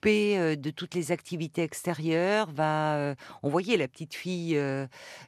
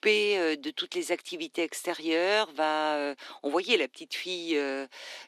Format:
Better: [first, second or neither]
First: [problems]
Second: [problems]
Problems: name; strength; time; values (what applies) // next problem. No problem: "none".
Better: first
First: none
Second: thin; somewhat; fading below 250 Hz